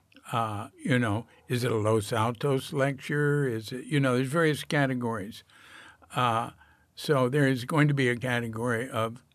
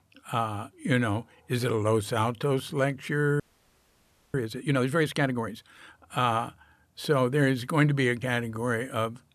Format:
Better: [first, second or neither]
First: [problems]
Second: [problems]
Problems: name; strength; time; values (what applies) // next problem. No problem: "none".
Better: first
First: none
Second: audio freezing; at 3.5 s for 1 s